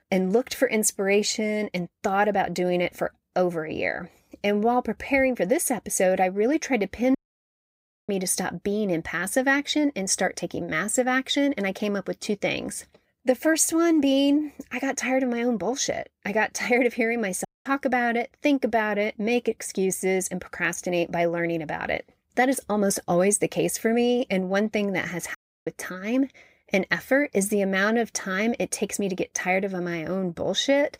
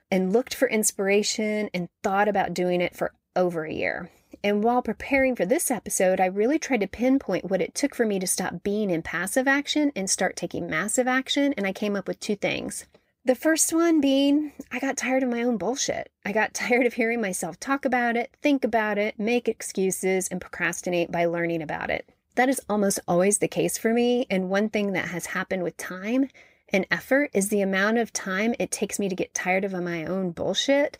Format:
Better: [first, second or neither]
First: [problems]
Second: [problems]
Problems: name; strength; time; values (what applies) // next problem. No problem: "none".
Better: second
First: audio cutting out; at 7 s for 1 s, at 17 s and at 25 s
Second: none